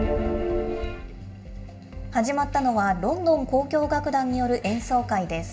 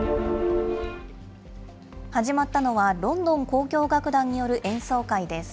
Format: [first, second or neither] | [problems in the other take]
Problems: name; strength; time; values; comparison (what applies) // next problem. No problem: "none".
second | room echo; dies away in 0.4 s